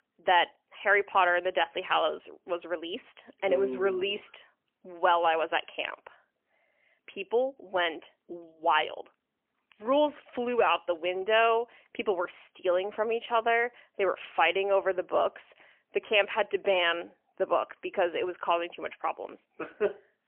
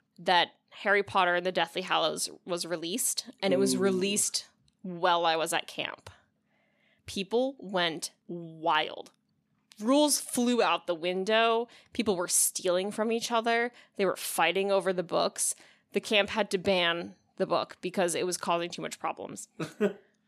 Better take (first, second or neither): second